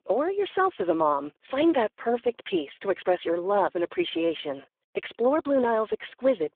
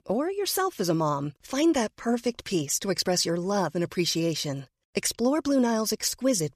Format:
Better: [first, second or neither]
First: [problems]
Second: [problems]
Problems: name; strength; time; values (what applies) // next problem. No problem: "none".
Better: second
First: phone-call audio; poor line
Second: none